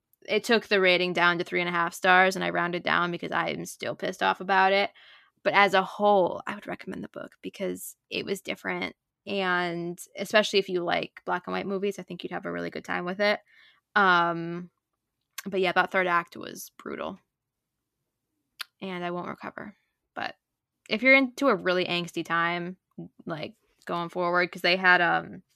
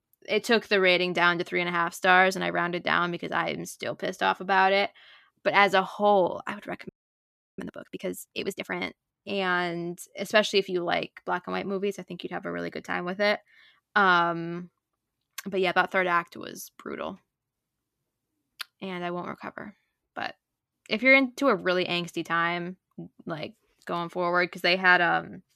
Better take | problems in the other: first | audio freezing; at 7 s for 0.5 s

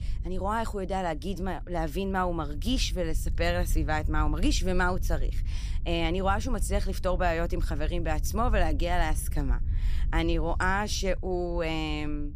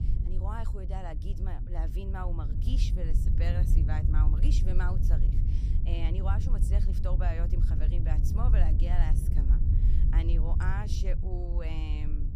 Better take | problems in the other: first | low rumble; loud; throughout; 4 dB below the speech; faint in the first

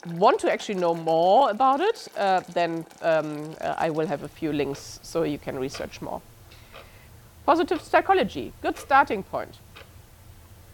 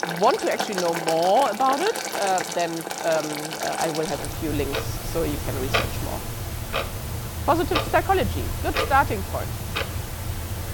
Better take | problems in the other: first | household noises; loud; throughout; 4 dB below the speech; faint in the first

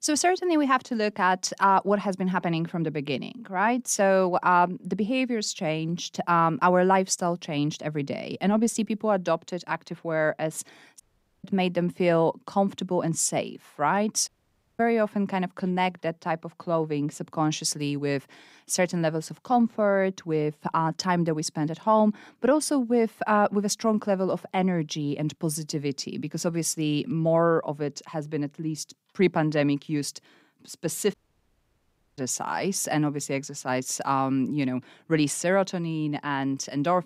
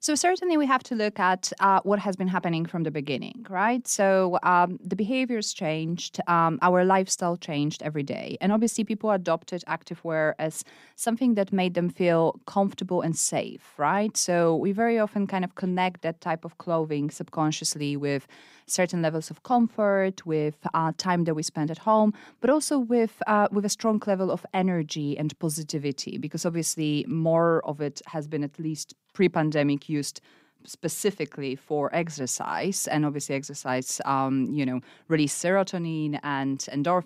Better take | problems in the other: second | audio cutting out; at 11 s, at 14 s for 0.5 s and at 31 s for 1 s

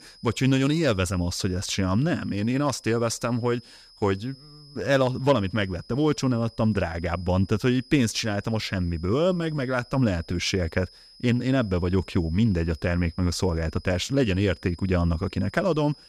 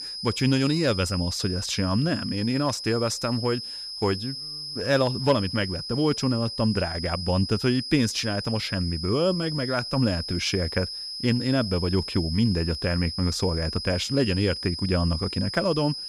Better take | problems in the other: first | high-pitched whine; loud; throughout; 5 kHz, 6 dB below the speech; faint in the first

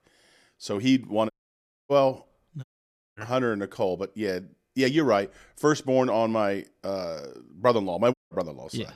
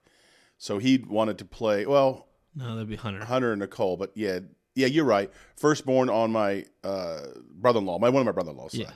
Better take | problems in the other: second | audio cutting out; at 1.5 s for 0.5 s, at 2.5 s for 0.5 s and at 8 s

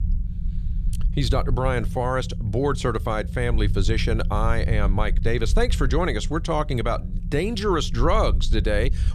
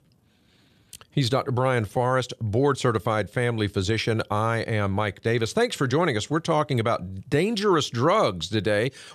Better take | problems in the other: second | low rumble; noticeable; throughout; 20 dB below the speech

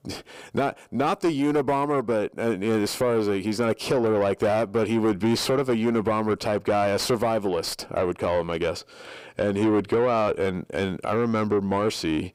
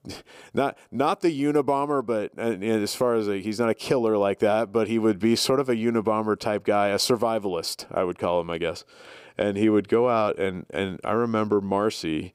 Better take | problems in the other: second | distortion; slight; 10 dB below the speech

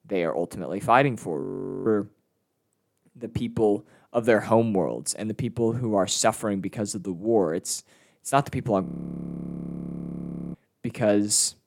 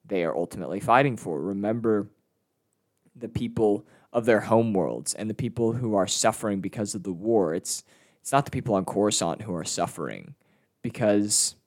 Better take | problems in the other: second | audio freezing; at 1.5 s and at 9 s for 1.5 s

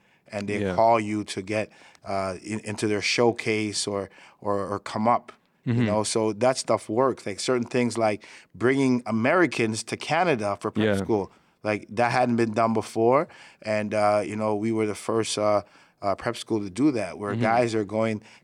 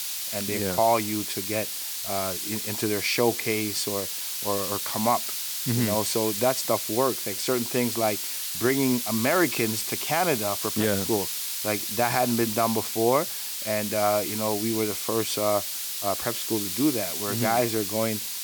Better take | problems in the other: first | hiss; loud; throughout; 2 dB below the speech

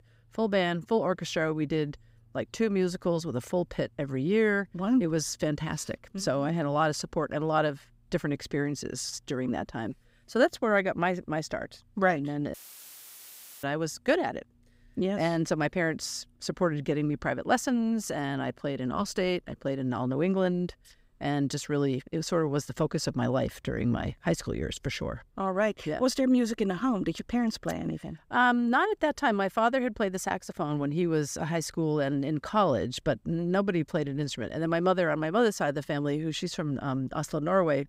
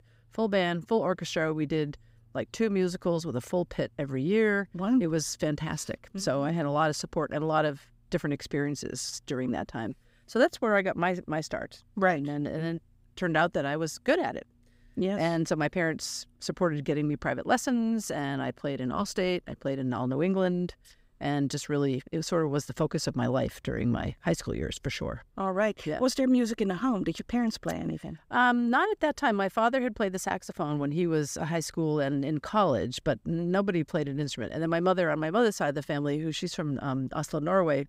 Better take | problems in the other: second | audio cutting out; filled with static; at 13 s for 1 s

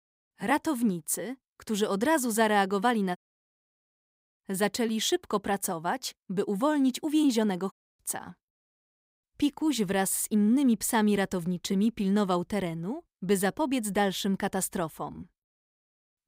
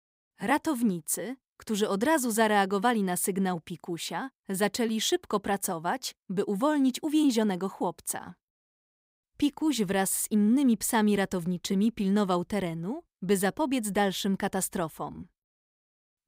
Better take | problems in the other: second | audio cutting out; at 3 s for 1 s and at 7.5 s

